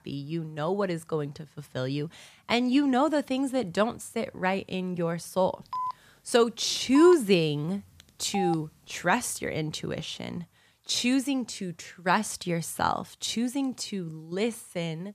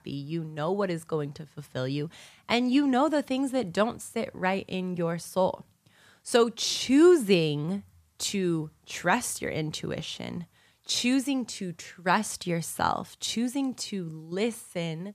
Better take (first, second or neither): second